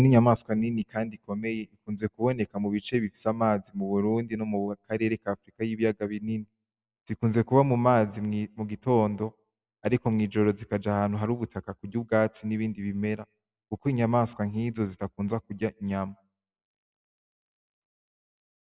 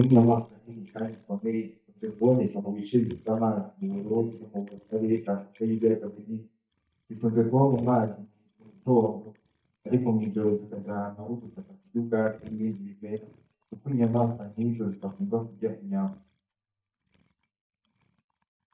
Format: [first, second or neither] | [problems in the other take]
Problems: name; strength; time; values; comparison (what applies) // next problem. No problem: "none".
first | noise reduction (neural mask model DeepFilterNet 3)